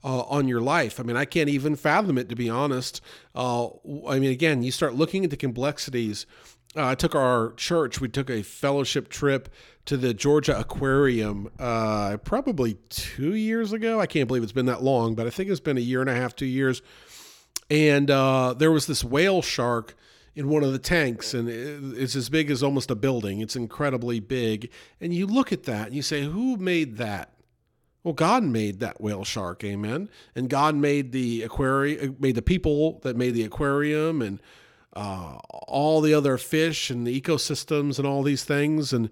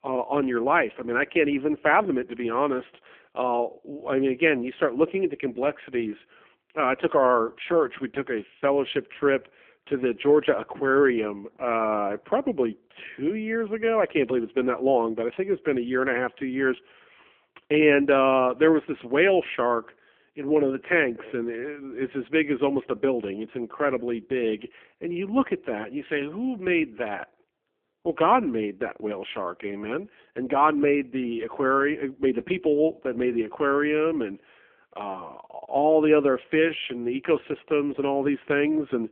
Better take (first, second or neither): first